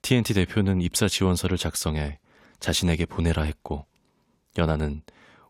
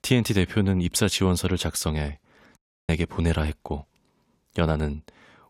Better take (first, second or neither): first